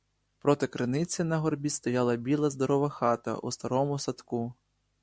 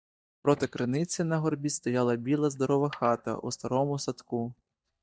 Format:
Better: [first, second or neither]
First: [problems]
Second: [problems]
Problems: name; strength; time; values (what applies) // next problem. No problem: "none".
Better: first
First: none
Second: noise reduction (neural mask model DeepFilterNet 3)